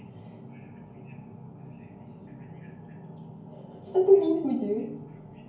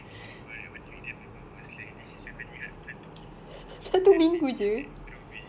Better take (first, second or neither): second